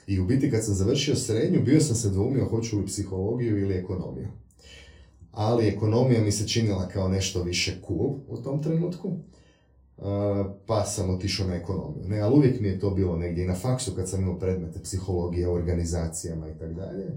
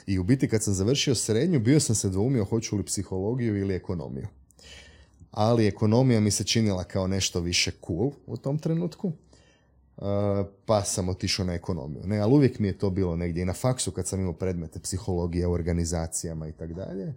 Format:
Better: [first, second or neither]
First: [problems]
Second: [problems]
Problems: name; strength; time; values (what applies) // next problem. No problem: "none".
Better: second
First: off-mic speech; far // room echo; very slight; dies away in 0.3 s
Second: none